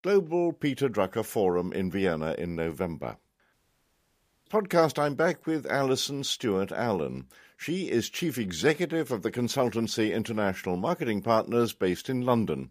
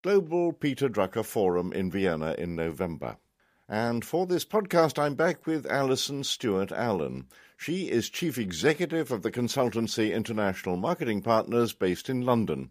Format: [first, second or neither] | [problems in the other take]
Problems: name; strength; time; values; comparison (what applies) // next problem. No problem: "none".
second | audio cutting out; at 3.5 s for 1 s